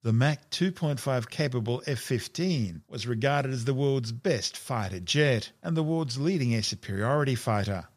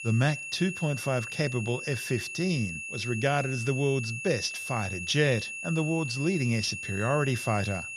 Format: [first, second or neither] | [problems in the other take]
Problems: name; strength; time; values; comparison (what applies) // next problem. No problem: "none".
first | high-pitched whine; loud; throughout; 2.5 kHz, 6 dB below the speech